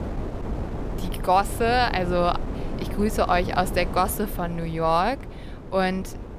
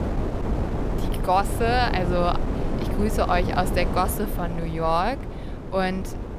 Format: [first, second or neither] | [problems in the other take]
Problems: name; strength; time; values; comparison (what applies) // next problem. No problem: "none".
first | wind noise on the microphone; heavy; 9 dB below the speech; occasional gusts in the first